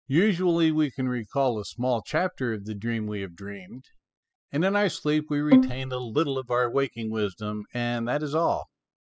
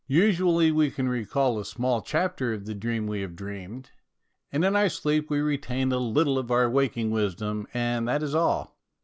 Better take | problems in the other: second | noise reduction (classical method spectral subtraction)

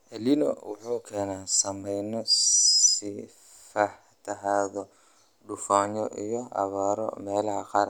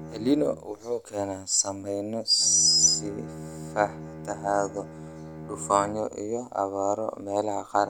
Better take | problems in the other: first | background sound (Bowed string instrument); 15 dB below the speech

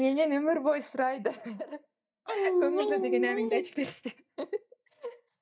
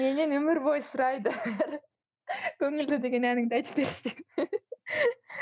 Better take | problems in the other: second | noise reduction (neural mask model DeepFilterNet 3)

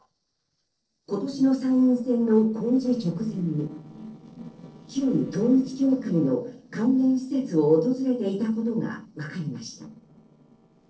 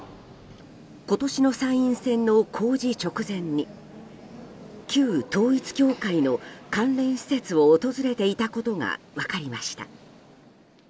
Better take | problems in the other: second | noise reduction (neural separator model SepFormer DNS4)

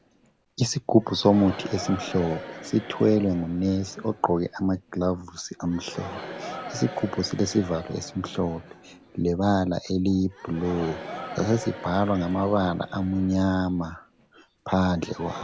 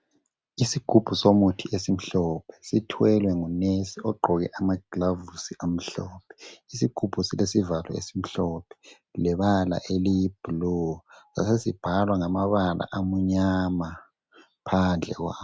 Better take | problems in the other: second | background sound (Crowd); 15 dB below the speech

